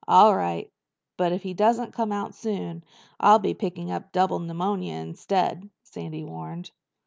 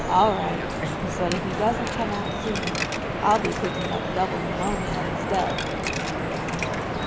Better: first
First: none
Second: background sound (Drip + Coin (dropping)); as loud as the speech

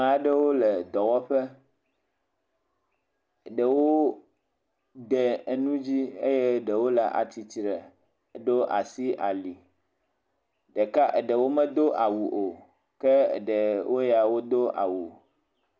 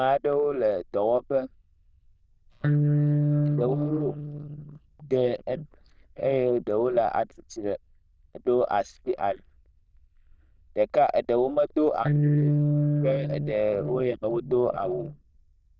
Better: first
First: none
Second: noise reduction (neural diffusion model UNIVERSE++)

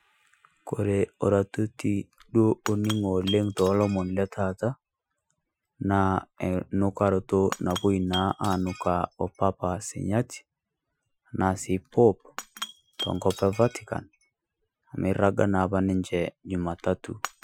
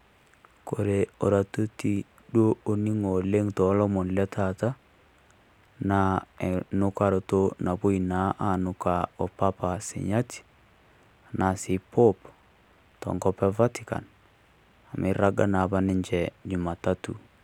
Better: second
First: noise reduction (classical method Wiener filter)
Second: none

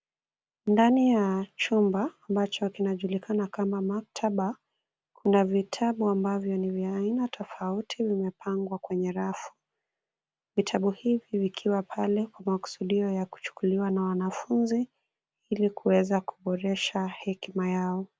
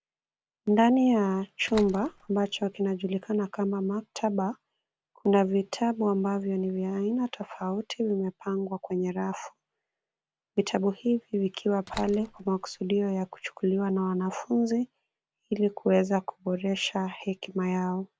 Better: first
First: none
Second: background sound (Slam); 18 dB below the speech

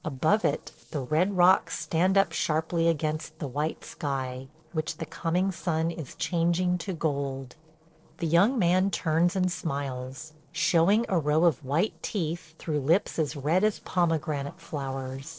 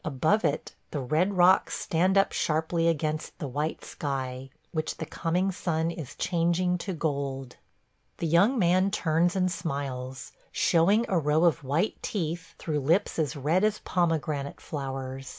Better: second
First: noise reduction (neural separator model SepFormer DNS4)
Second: none

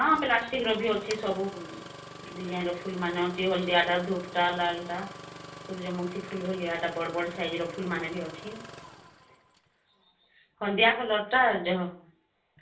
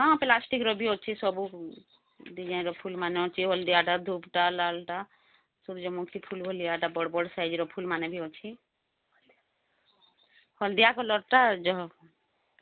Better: second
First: background sound (Engine starting); 16 dB below the speech // room echo; dies away in 0.4 s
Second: none

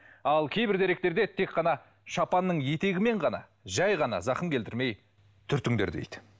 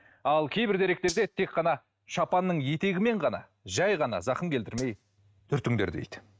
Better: first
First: none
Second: noise reduction (neural mask model RNNoise)

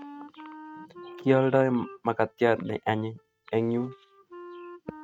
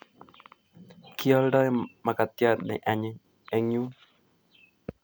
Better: second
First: noise reduction (neural mask model RNNoise)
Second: none

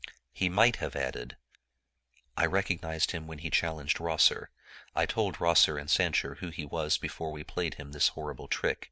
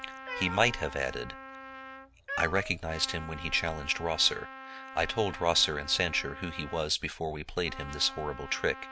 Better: first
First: none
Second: background sound (Trumpet + Cat); 12 dB below the speech

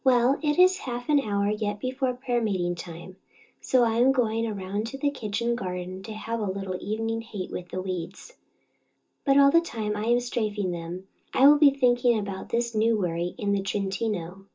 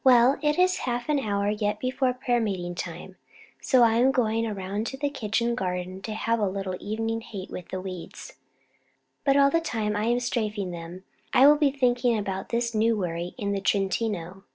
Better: second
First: room echo; dies away in 0.2 s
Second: none

